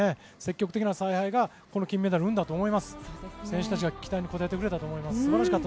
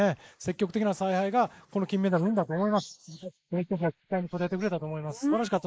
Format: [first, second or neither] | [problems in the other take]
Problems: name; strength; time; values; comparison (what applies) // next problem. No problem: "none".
first | noise reduction (neural mask model Resemble Enhance denoiser)